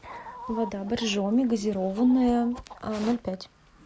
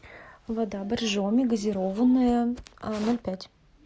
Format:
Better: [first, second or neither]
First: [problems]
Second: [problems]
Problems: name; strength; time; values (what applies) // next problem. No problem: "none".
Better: second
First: background sound (Chicken, rooster); 19 dB below the speech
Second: none